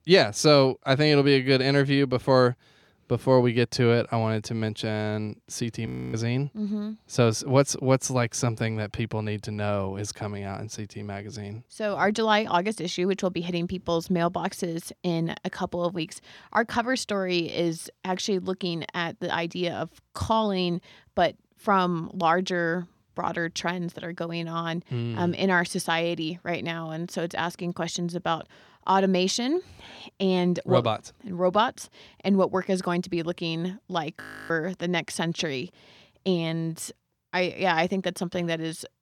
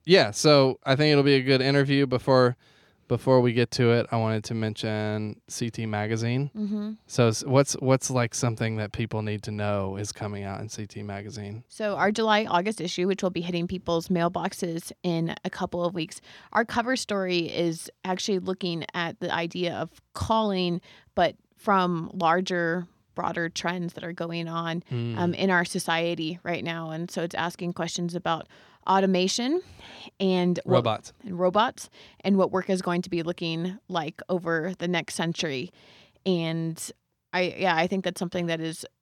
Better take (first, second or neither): second